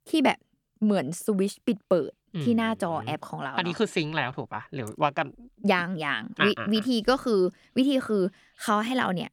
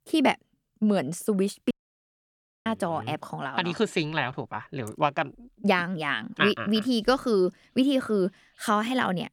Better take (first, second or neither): first